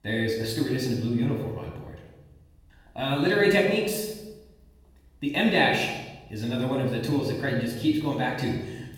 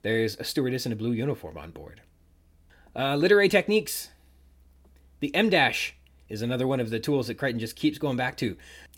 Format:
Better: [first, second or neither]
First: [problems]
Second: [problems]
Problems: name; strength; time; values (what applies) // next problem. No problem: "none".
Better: second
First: off-mic speech; somewhat distant // room echo; noticeable; dies away in 1 s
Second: none